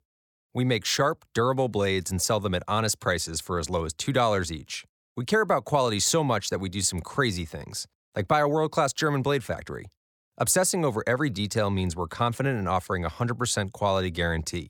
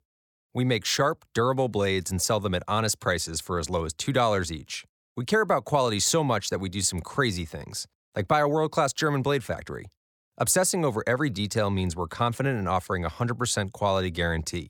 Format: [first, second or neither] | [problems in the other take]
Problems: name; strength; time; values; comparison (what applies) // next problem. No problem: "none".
neither | none